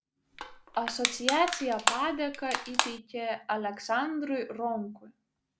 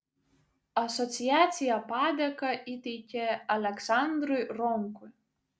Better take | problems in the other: second | background sound (Crushing); 1 dB below the speech

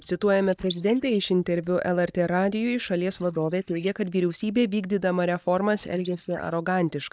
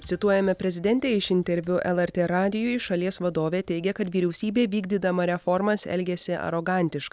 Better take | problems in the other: second | noise reduction (neural mask model DeepFilterNet 3)

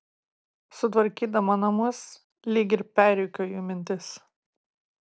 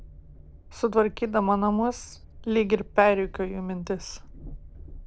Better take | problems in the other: first | background sound (Train); 16 dB below the speech

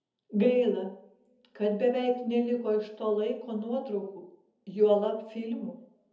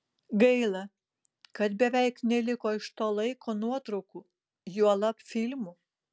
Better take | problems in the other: second | room echo; dies away in 0.7 s

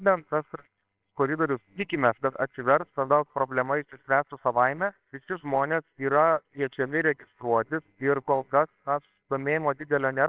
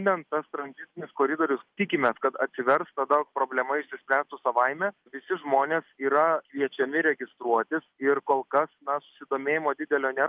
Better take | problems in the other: second | noise reduction (neural separator model SepFormer WHAMR!)

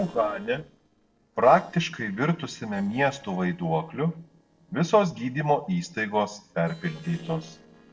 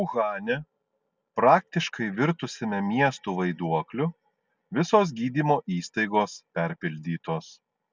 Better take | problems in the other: second | noise reduction (neural separator model SepFormer DNS4)

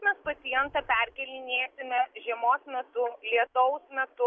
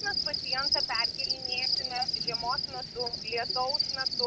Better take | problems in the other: first | background sound (Cricket); 5 dB above the speech

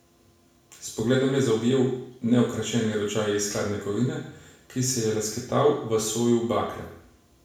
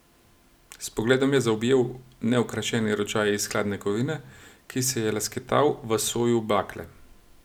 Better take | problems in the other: second | room echo; dies away in 0.6 s

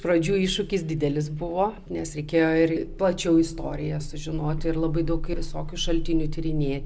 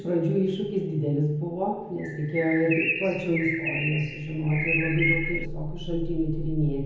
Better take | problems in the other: first | background sound (Bird); 4 dB below the speech // room echo; dies away in 1 s

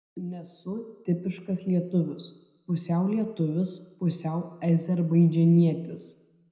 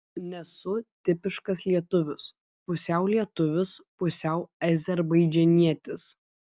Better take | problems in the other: second | room echo; dies away in 0.7 s

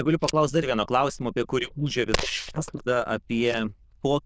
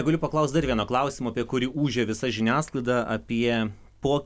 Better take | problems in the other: second | noise reduction (neural diffusion model UNIVERSE++)

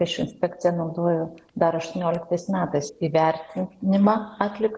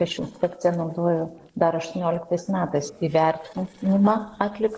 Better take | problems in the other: first | noise reduction (neural separator model SepFormer DNS4)

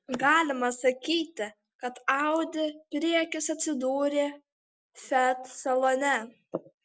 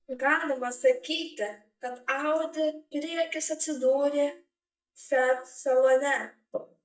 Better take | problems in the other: first | noise reduction (neural mask model DeepFilterNet 3)

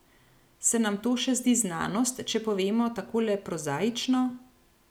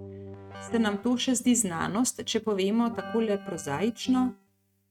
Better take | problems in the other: first | noise reduction (neural mask model RNNoise)

